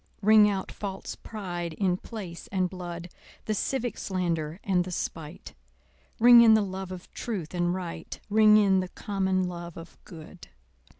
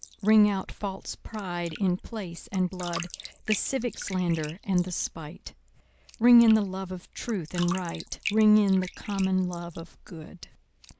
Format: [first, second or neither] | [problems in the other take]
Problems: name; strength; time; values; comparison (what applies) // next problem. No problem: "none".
first | noise reduction (neural mask model Resemble Enhance denoiser)